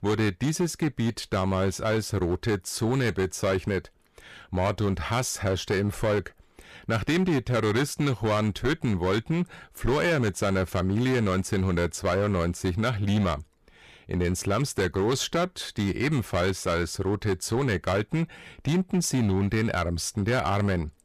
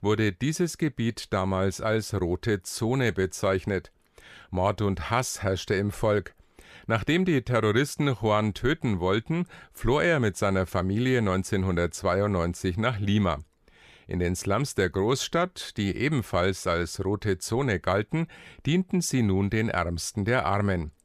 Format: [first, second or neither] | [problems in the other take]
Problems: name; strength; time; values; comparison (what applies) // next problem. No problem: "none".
second | distortion; slight; 11% of the sound clipped